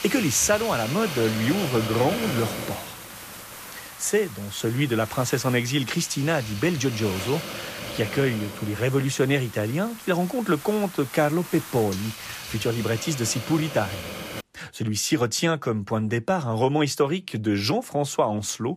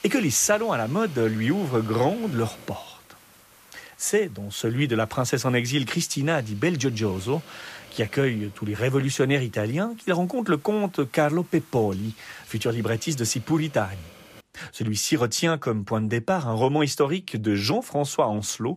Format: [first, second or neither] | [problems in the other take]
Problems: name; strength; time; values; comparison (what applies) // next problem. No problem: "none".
second | hiss; loud; until 14 s; 10 dB below the speech; faint in the second